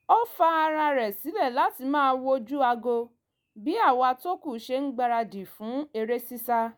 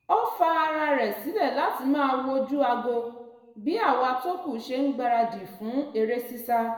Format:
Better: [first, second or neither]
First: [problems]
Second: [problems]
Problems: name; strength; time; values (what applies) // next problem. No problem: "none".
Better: first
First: none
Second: room echo; dies away in 1 s